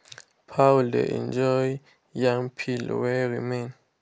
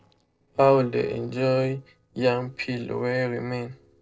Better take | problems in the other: first | noise reduction (neural separator model SepFormer DNS4)

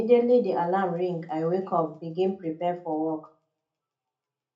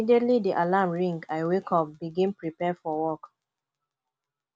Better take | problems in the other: second | room echo; dies away in 0.3 s

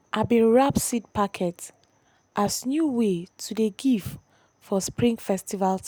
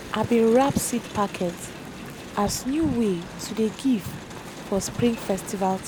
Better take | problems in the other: first | background sound (Crowd + Wind); 12 dB below the speech

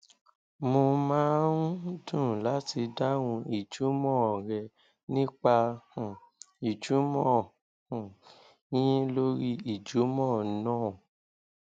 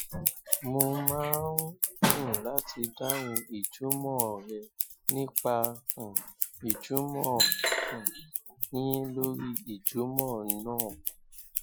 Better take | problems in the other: first | noise reduction (classical method Wiener filter)

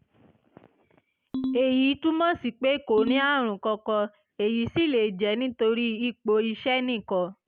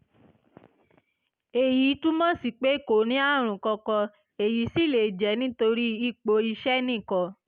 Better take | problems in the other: second | background sound (Ringtone); 7 dB below the speech

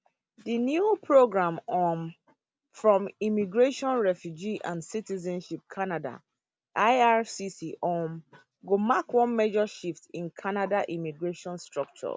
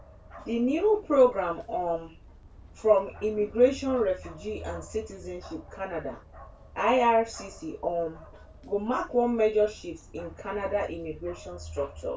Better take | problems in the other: first | background sound (Bark); 18 dB below the speech // room echo; dies away in 0.2 s

